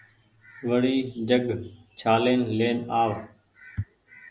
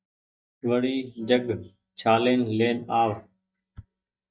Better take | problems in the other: first | noise reduction (neural mask model DeepFilterNet 3)

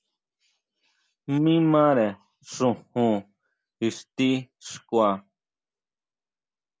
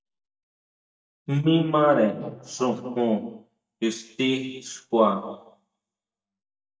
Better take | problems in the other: first | noise reduction (neural mask model DeepFilterNet 3)

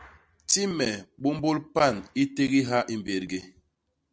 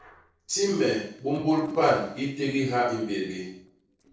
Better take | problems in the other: first | noise reduction (neural separator model SepFormer DNS4)

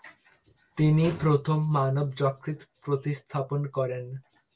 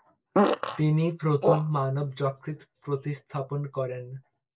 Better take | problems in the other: first | noise reduction (neural mask model Resemble Enhance denoiser)

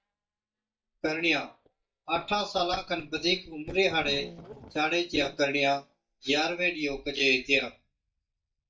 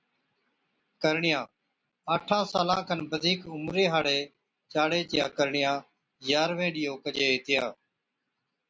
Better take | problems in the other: second | noise reduction (neural mask model DeepFilterNet 3)

